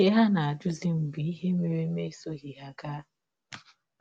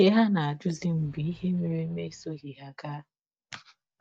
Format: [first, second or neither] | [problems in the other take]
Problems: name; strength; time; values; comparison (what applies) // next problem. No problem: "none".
first | noise reduction (neural mask model DeepFilterNet 3)